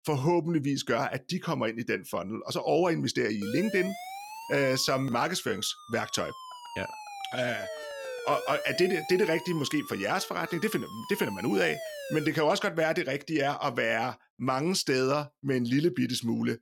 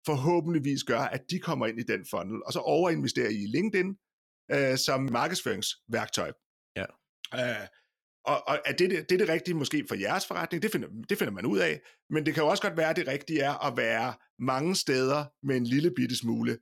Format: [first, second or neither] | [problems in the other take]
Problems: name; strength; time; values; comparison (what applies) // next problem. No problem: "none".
second | siren; noticeable; from 3.5 to 12 s; peak 8 dB below the speech